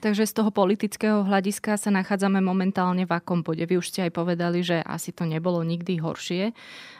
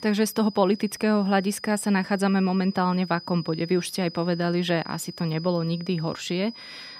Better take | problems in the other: first | high-pitched whine; noticeable; throughout; 5 kHz, 15 dB below the speech

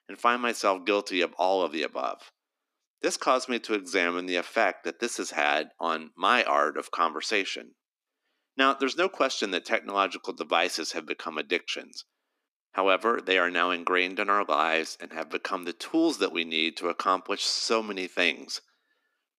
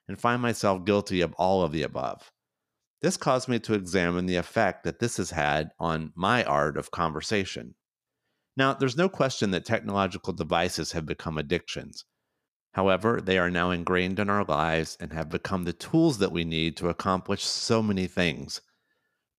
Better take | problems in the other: second | thin; somewhat; fading below 250 Hz

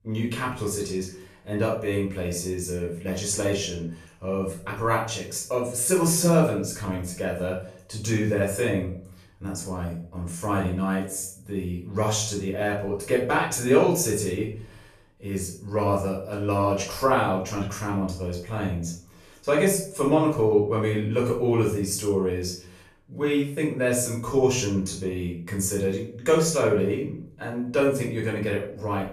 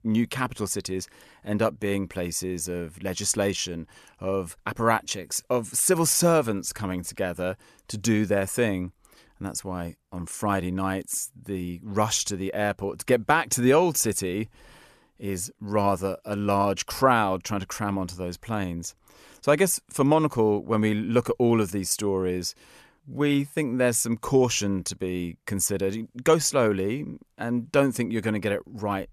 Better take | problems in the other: second | off-mic speech; far // room echo; noticeable; dies away in 0.5 s

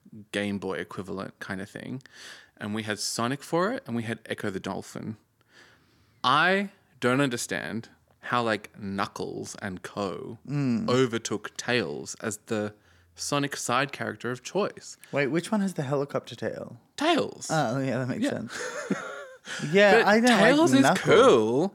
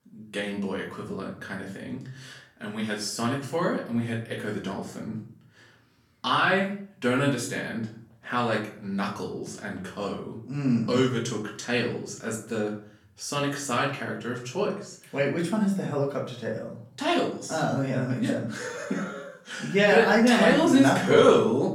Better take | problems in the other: first | room echo; slight; dies away in 0.5 s // off-mic speech; far

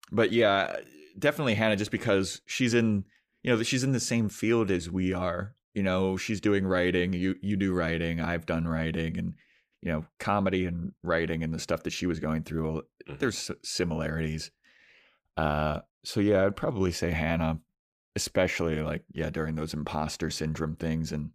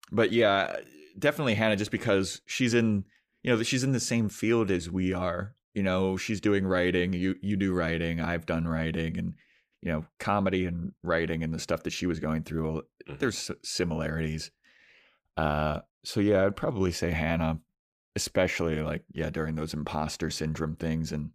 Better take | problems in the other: neither | none

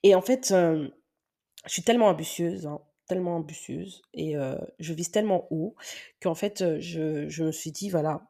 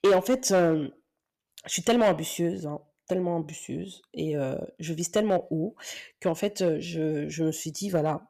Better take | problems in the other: first | distortion; slight; 2% of the sound clipped

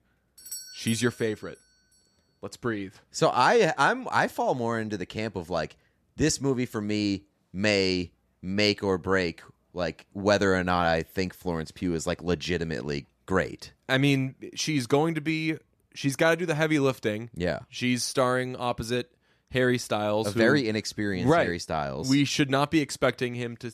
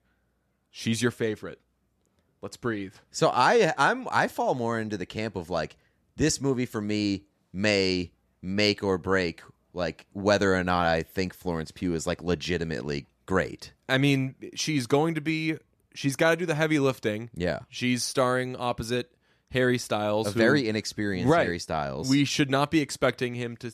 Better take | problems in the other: second | doorbell; faint; at 0.5 s; peak 10 dB below the speech

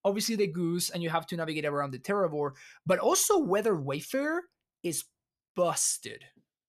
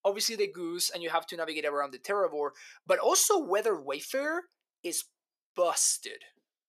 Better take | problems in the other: first | thin; somewhat; fading below 350 Hz

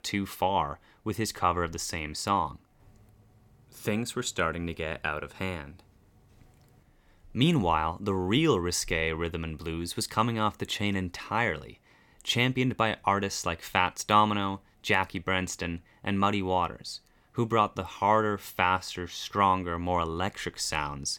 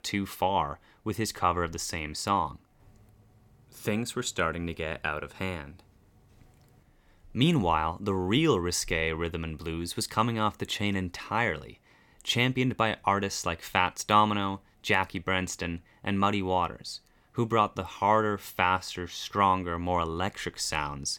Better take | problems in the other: neither | none

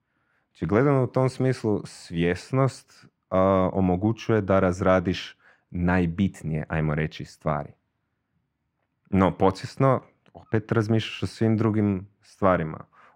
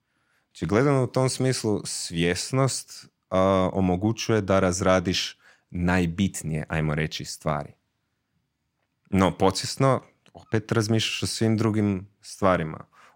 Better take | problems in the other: second | muffled; slightly; fading above 3.5 kHz

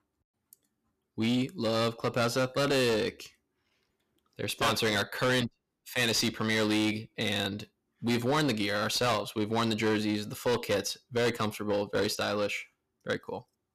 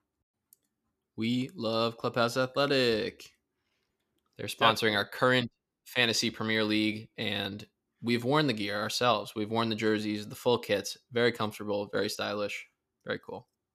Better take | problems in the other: second | distortion; heavy; 12% of the sound clipped

